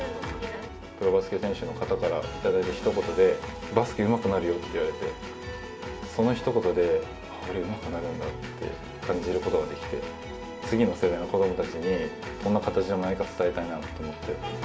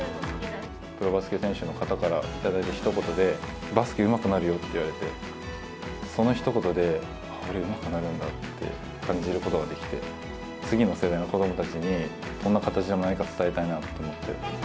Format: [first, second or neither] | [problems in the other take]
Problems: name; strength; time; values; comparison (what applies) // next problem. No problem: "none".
second | room echo; dies away in 0.3 s